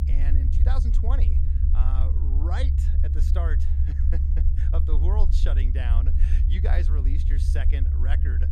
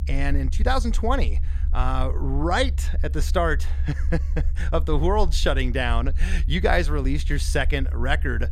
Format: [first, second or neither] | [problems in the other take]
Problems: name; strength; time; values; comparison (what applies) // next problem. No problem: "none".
second | low rumble; loud; throughout; 3 dB below the speech; faint in the second